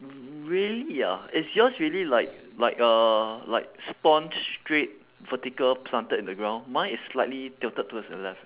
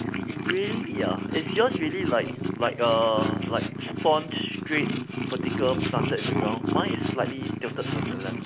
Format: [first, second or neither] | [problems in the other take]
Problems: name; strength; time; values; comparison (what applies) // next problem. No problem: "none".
first | background sound (Purr); 1 dB below the speech